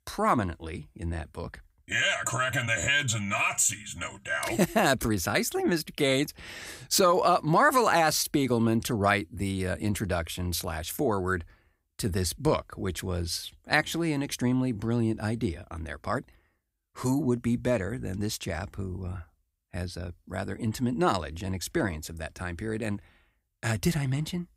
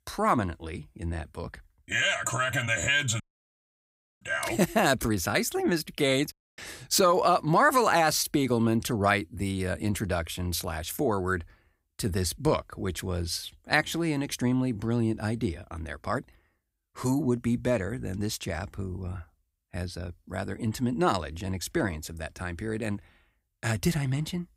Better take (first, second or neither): first